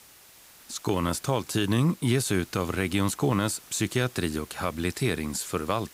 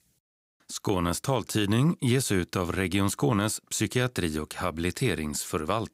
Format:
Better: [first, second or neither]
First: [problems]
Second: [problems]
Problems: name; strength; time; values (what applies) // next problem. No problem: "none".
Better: second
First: hiss; faint; throughout; 20 dB below the speech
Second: none